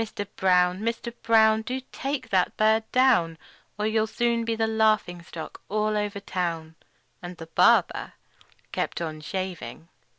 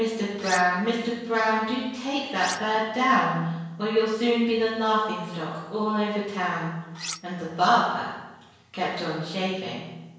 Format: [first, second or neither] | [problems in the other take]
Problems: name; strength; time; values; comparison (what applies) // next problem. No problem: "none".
first | background sound (Cutlery, silverware); 11 dB below the speech // room echo; dies away in 1 s